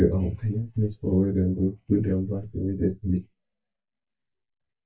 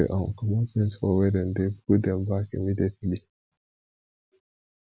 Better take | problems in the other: second | noise reduction (neural mask model DeepFilterNet 3)

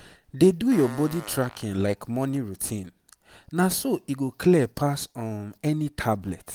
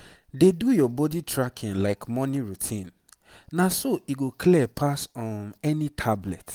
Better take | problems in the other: second | background sound (Fart); 20 dB below the speech

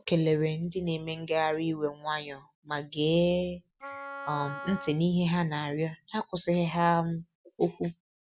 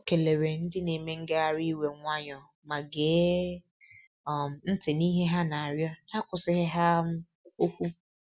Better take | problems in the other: second | background sound (Wind instrument, woodwind instrument); 12 dB below the speech

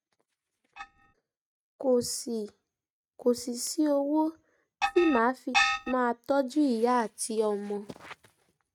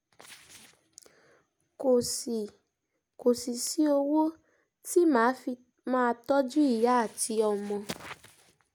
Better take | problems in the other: second | noise reduction (neural mask model RNNoise)

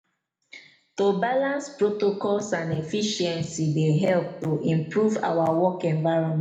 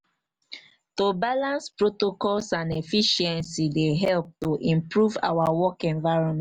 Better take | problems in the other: second | room echo; dies away in 0.7 s

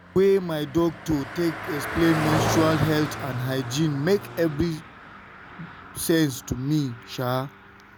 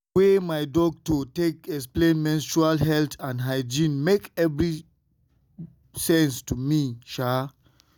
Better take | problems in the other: second | background sound (Car passing by); 8 dB below the speech

